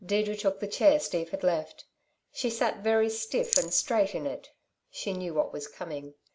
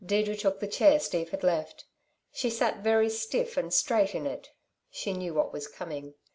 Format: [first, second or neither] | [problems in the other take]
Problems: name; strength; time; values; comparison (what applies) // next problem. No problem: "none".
second | background sound (Rattle); 5 dB below the speech